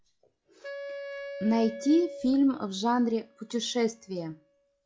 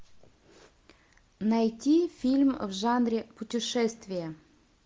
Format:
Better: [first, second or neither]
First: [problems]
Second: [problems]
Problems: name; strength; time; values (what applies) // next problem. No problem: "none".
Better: second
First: noise reduction (classical method log-MMSE)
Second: none